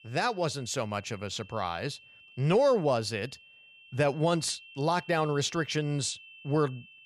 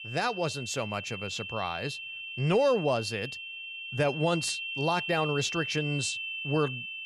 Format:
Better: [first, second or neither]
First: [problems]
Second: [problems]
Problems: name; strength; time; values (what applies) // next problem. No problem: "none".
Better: first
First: high-pitched whine; faint; throughout; 2.5 kHz, 20 dB below the speech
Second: high-pitched whine; loud; throughout; 2.5 kHz, 5 dB below the speech